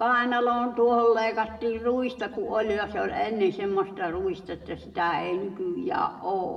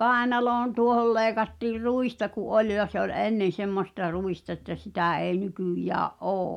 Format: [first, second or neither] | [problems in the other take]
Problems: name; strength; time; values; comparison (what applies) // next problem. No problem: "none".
second | room echo; dies away in 1 s